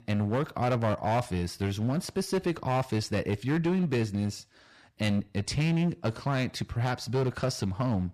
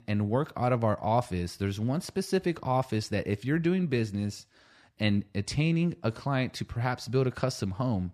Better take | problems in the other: second | distortion; slight; 11% of the sound clipped

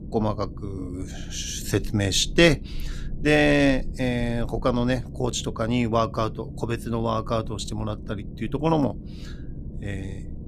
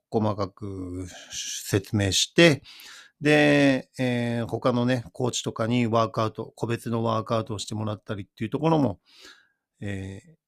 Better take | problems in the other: second | low rumble; faint; throughout; 20 dB below the speech

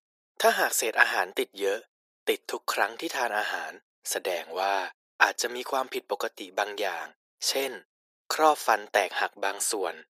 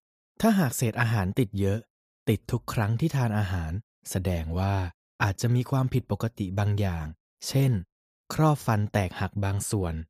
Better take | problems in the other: second | thin; very; fading below 400 Hz

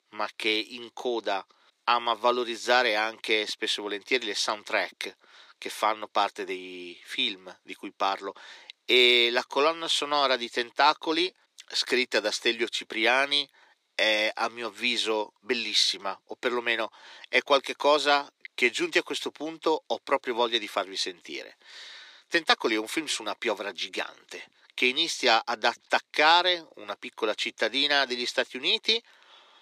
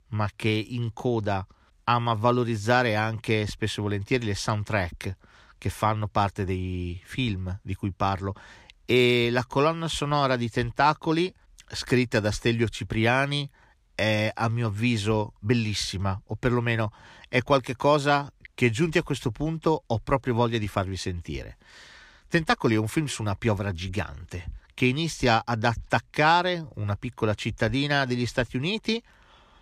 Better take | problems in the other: second | thin; very; fading below 350 Hz

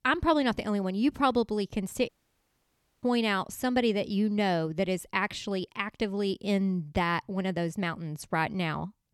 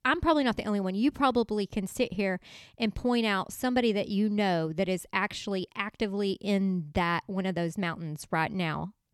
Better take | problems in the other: second | audio cutting out; at 2 s for 1 s

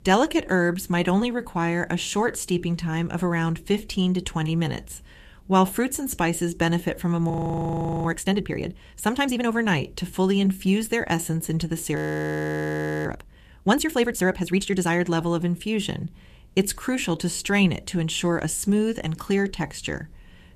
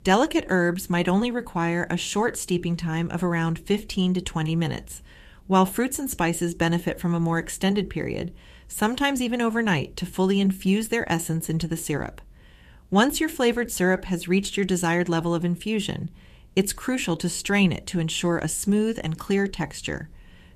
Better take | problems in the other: second | audio freezing; at 7.5 s for 1 s and at 12 s for 1 s

